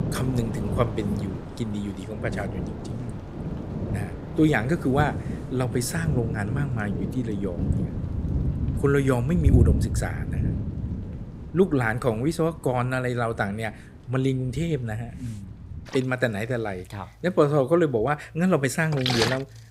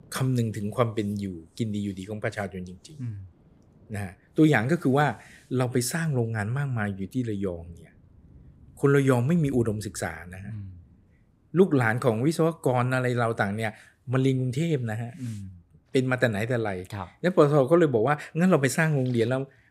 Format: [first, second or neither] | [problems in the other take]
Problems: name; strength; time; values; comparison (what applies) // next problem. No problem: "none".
second | rain or running water; loud; throughout; 4 dB below the speech; faint in the second